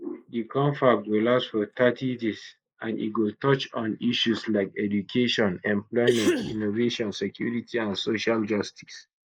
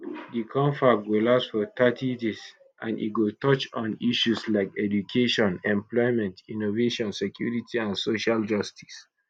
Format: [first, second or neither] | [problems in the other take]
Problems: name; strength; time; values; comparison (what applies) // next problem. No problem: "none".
second | noise reduction (neural mask model Resemble Enhance denoiser)